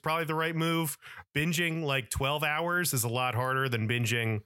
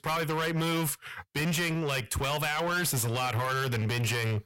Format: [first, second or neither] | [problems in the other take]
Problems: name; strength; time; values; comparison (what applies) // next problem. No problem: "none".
first | distortion; heavy; 28% of the sound clipped